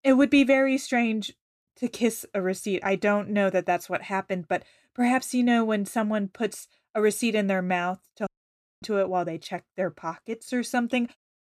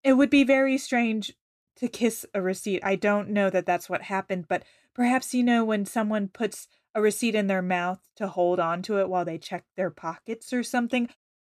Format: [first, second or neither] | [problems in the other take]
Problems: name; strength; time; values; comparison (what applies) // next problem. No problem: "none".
second | audio cutting out; at 8.5 s for 0.5 s